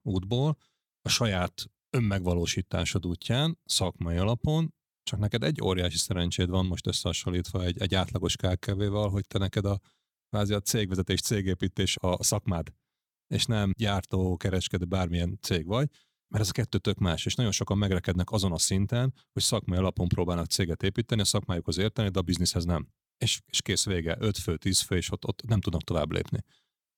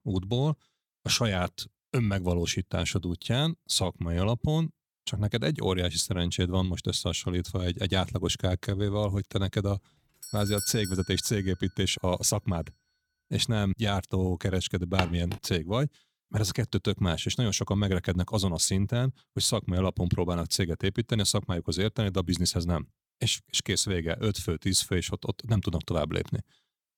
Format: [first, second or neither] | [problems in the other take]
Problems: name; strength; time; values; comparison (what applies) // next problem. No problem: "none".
first | doorbell; noticeable; at 10 s; peak 6 dB below the speech // footsteps; noticeable; at 15 s; peak 4 dB below the speech